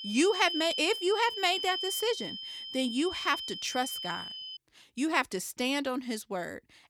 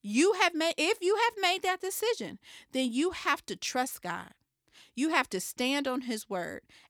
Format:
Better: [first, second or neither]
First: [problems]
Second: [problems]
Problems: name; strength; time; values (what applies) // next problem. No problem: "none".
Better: second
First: high-pitched whine; loud; until 4.5 s; 3 kHz, 5 dB below the speech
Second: none